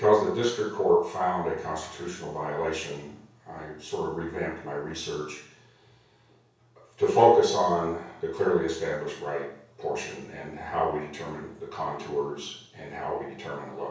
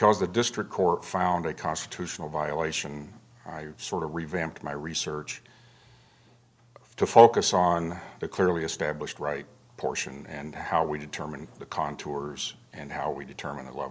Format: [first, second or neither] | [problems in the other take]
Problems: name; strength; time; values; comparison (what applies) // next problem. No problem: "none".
second | room echo; dies away in 0.6 s